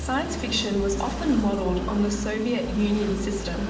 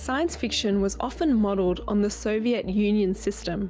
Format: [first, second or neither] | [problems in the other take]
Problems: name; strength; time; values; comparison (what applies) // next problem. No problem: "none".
second | background sound (Train); 9 dB below the speech // room echo; dies away in 0.9 s